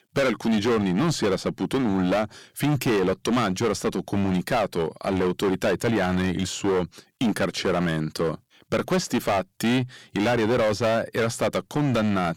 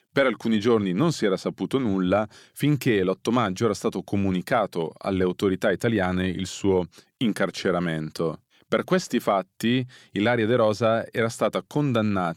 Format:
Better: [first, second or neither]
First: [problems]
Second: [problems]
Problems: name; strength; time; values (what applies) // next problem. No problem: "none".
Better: second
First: distortion; heavy; 18% of the sound clipped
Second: none